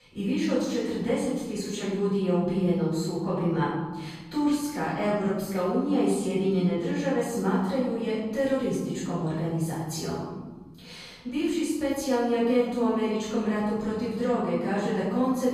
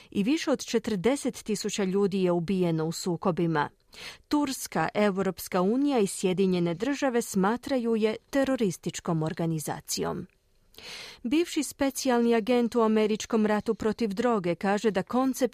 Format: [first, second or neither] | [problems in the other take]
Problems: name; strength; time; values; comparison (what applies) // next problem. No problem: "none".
second | off-mic speech; far // room echo; strong; dies away in 1.4 s